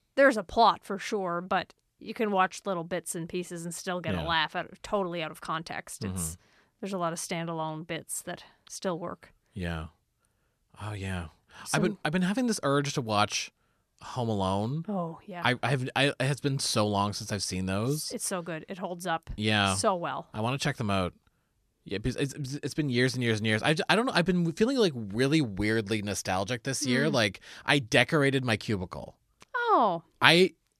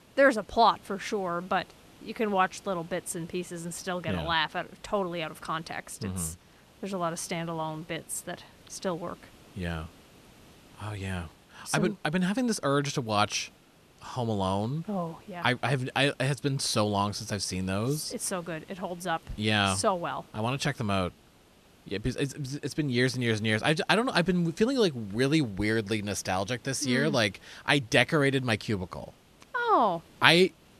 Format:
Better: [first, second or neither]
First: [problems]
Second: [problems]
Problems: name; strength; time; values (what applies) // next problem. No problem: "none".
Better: first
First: none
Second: hiss; faint; throughout; 25 dB below the speech